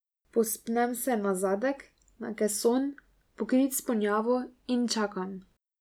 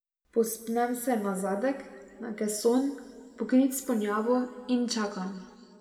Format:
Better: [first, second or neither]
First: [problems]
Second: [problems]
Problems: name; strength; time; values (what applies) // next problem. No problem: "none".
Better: first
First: none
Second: room echo; dies away in 1.6 s